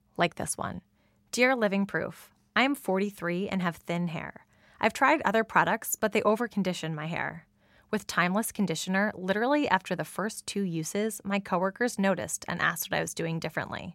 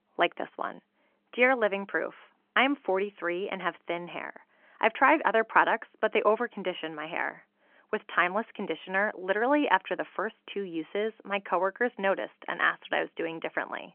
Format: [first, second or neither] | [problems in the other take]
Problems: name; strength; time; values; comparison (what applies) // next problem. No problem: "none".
first | phone-call audio; nothing above 3 kHz